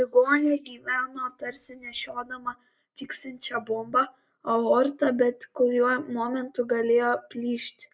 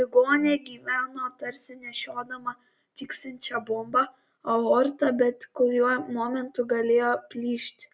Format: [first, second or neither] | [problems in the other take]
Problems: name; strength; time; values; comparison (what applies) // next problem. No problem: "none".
second | noise reduction (neural mask model Resemble Enhance denoiser)